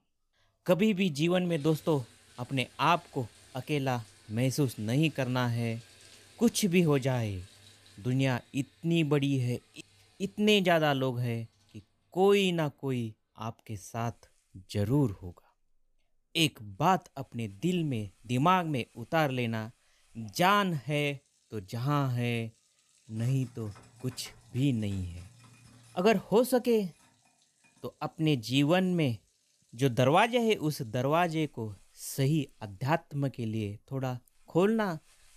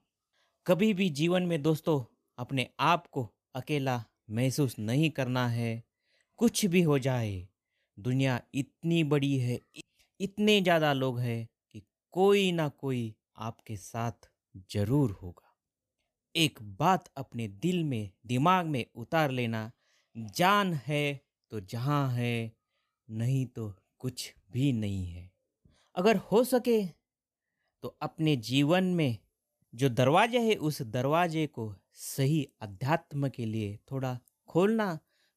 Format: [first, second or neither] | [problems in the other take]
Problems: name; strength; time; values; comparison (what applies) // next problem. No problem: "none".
second | household noises; faint; throughout; 30 dB below the speech